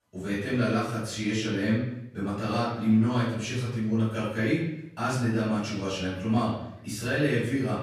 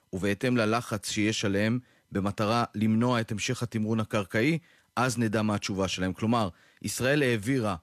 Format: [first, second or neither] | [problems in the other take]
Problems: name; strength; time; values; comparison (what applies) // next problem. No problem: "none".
second | off-mic speech; far // room echo; noticeable; dies away in 0.8 s